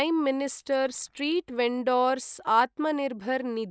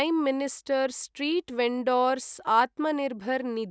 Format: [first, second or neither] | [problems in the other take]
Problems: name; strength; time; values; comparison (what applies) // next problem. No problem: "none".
second | noise reduction (neural mask model Resemble Enhance denoiser)